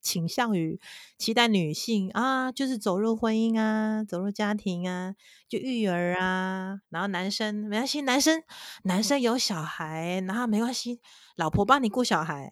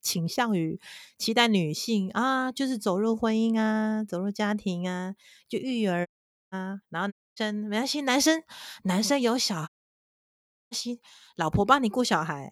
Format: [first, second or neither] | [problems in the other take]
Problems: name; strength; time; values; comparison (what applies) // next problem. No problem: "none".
first | audio cutting out; at 6 s, at 7 s and at 9.5 s for 1 s